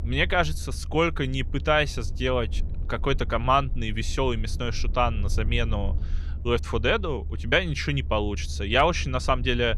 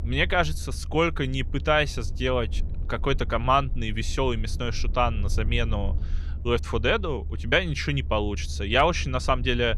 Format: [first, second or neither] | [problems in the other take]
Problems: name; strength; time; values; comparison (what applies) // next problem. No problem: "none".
neither | low rumble; faint; throughout; 25 dB below the speech; the same in both